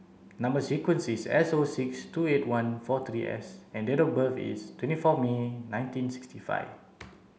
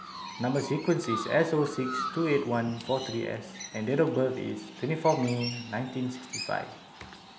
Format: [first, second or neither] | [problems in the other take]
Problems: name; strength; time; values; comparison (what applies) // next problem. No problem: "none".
first | background sound (Chirp, tweet); 11 dB below the speech